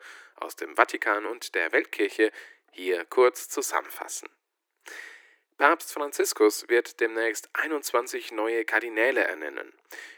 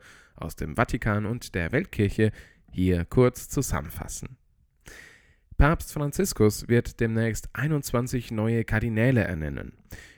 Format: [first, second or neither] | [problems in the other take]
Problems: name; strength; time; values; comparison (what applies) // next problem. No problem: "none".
second | thin; very; fading below 300 Hz